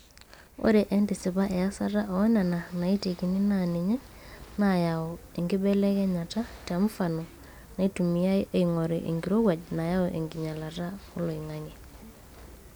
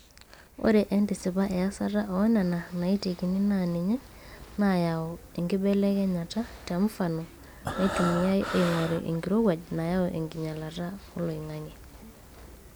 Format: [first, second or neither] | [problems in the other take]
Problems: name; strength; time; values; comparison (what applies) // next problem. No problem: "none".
first | background sound (Breathing); 5 dB below the speech